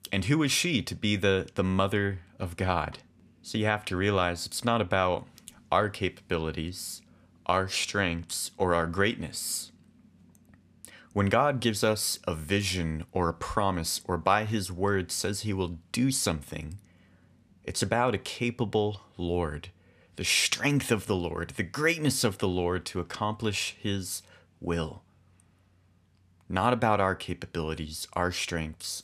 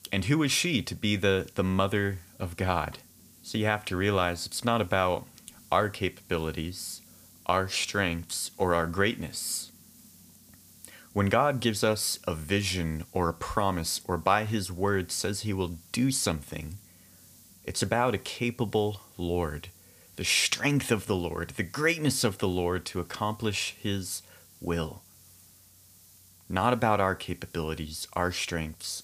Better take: first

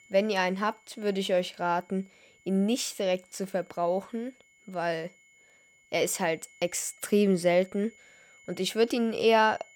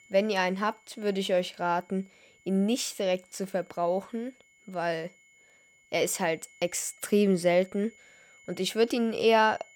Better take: neither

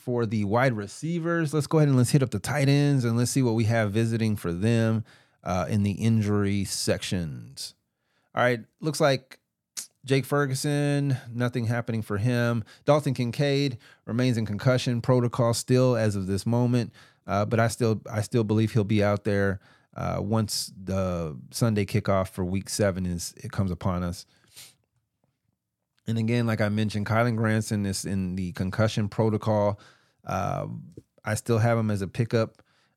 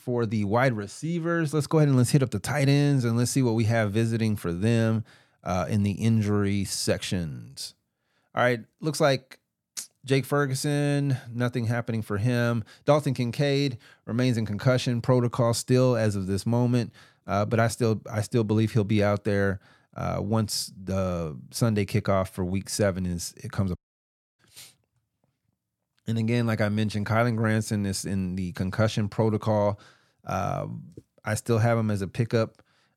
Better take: first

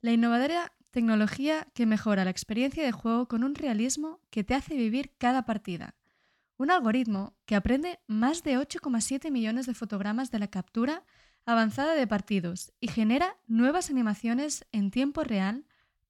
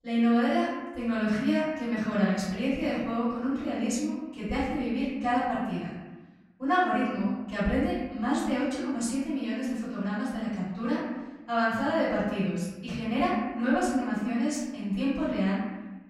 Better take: first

